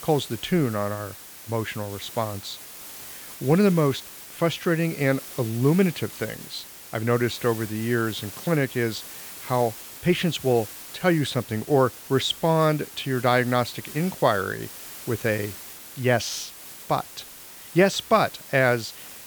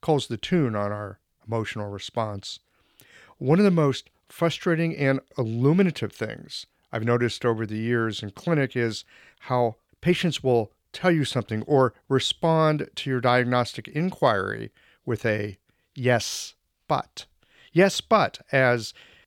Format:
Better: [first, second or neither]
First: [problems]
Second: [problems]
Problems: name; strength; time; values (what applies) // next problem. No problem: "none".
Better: second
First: hiss; noticeable; throughout; 15 dB below the speech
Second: none